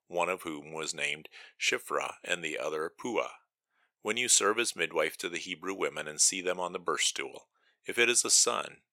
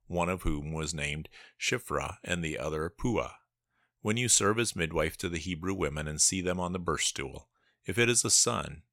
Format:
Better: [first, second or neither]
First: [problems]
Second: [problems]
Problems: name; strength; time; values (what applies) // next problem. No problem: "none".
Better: second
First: thin; somewhat; fading below 450 Hz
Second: none